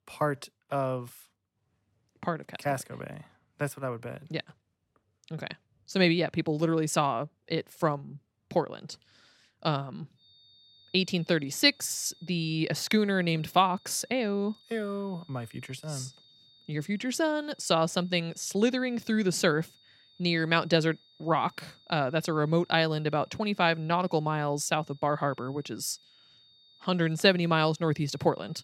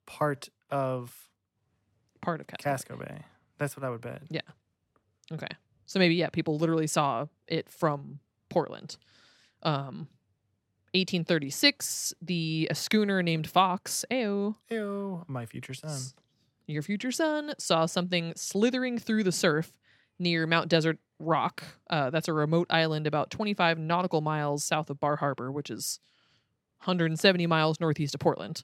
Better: second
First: high-pitched whine; faint; from 10 s on; 3.5 kHz, 30 dB below the speech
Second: none

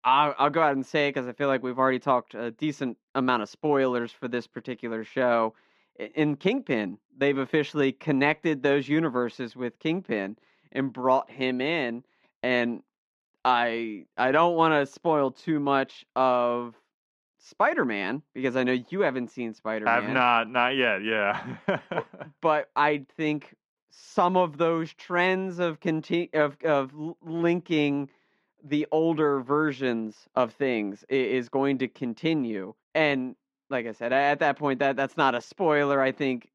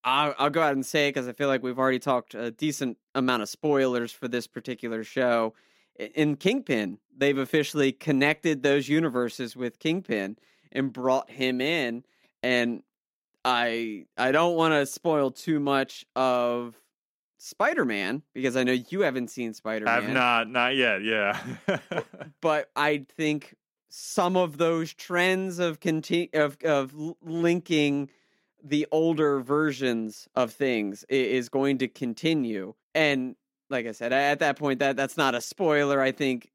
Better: second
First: muffled; slightly; fading above 3.5 kHz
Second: none

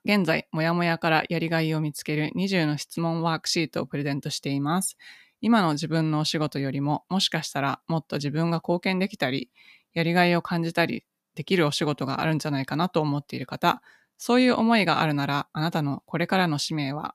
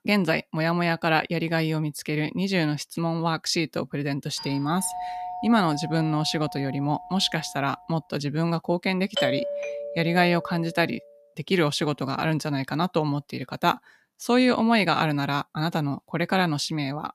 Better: first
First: none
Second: doorbell; noticeable; from 4.5 to 8 s and from 9 to 11 s; peak 2 dB below the speech

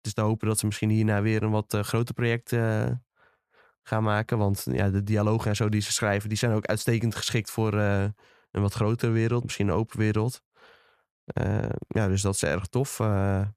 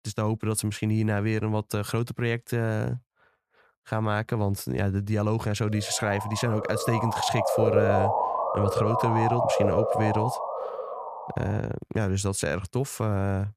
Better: first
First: none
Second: siren; loud; from 6 to 11 s; peak 5 dB above the speech

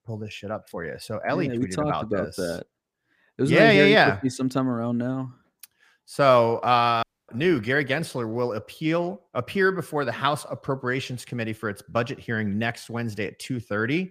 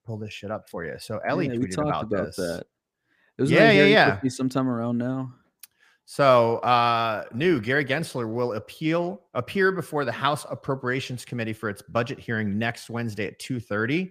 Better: second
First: audio cutting out; at 7 s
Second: none

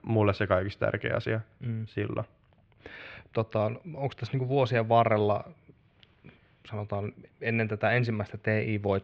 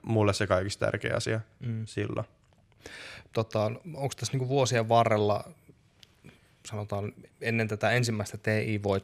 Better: second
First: muffled; slightly; fading above 3.5 kHz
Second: none

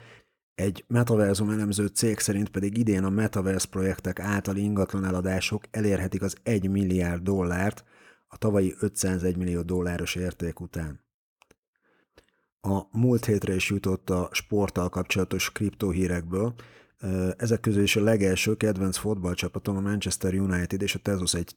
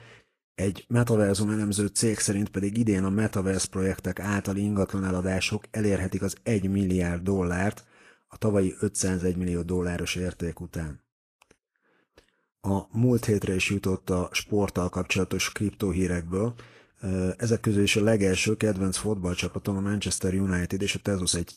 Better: first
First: none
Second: garbled, watery; slightly

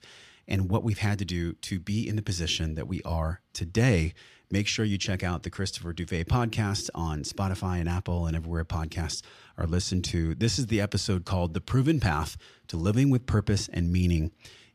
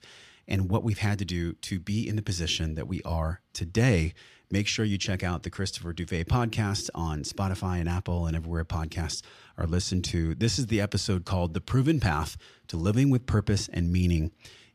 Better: neither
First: none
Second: none

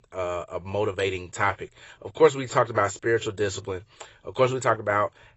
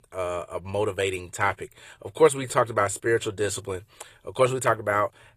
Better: second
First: garbled, watery; badly; nothing above 8 kHz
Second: garbled, watery; slightly; nothing above 14.5 kHz

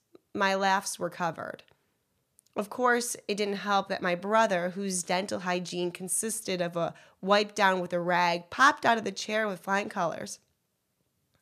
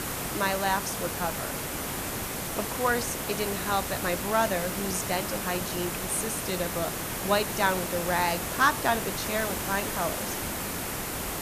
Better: first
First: none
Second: hiss; loud; throughout; 2 dB below the speech

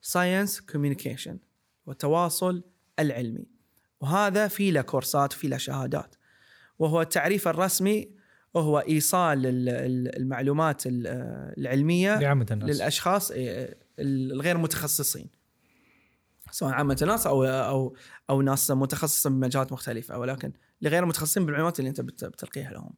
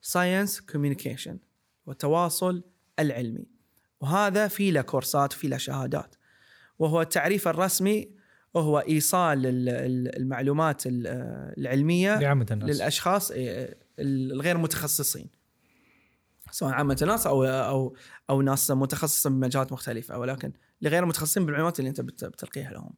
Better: neither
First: none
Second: none

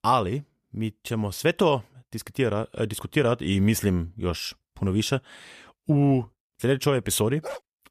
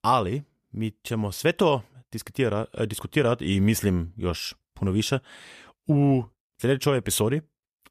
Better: second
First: dog barking; faint; at 7.5 s; peak 10 dB below the speech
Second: none

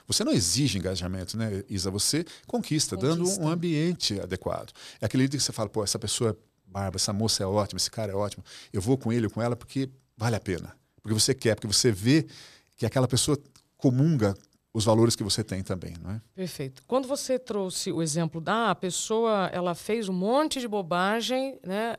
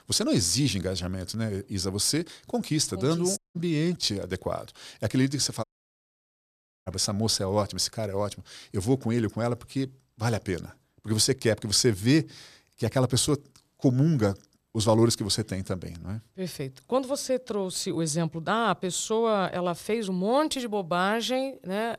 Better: first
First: none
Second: audio cutting out; at 3.5 s and at 5.5 s for 1 s

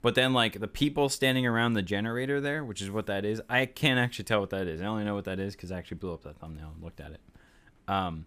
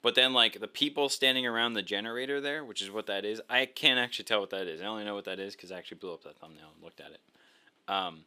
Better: first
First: none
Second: thin; very slightly; fading below 350 Hz

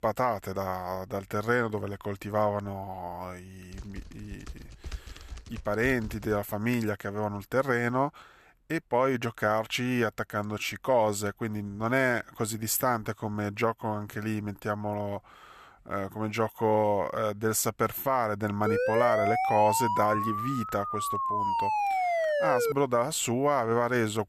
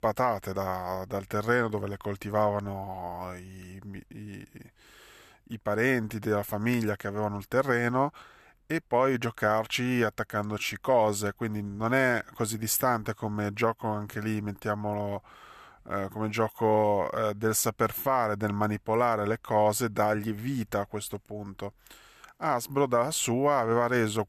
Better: second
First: keyboard typing; faint; from 3.5 to 6.5 s; peak 15 dB below the speech // siren; loud; from 19 to 23 s; peak 2 dB above the speech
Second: none

